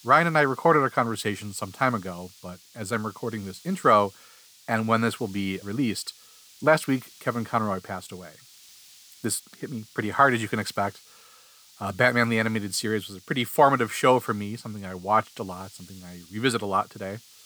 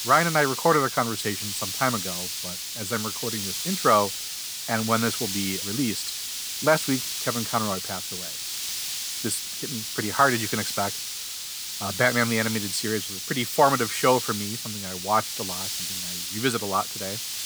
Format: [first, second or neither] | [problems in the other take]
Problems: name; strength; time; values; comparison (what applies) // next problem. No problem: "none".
first | hiss; loud; throughout; 3 dB below the speech; faint in the first